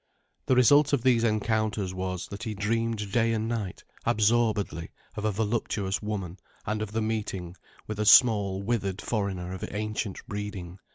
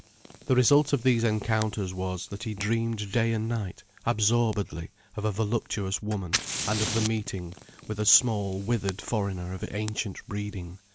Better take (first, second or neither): first